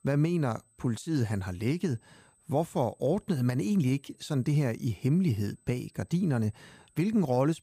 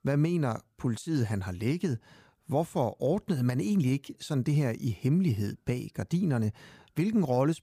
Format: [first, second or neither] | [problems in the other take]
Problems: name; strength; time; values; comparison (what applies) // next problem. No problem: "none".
second | high-pitched whine; faint; throughout; 8.5 kHz, 35 dB below the speech